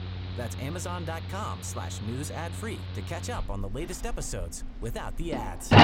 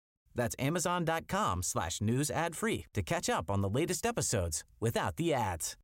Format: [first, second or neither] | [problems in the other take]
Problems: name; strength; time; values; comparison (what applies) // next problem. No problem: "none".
second | machinery noise; very loud; throughout; 2 dB above the speech